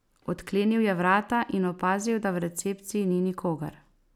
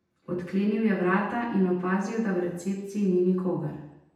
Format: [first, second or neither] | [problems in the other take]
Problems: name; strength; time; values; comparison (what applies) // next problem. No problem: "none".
first | room echo; dies away in 0.8 s